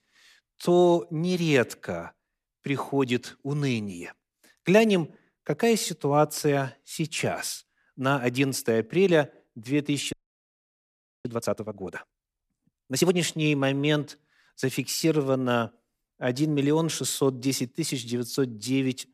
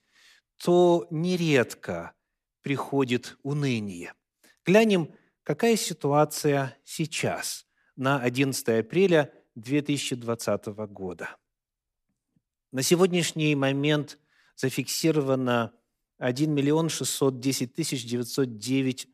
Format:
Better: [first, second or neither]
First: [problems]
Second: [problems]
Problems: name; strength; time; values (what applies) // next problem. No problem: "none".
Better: second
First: audio freezing; at 10 s for 1 s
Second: none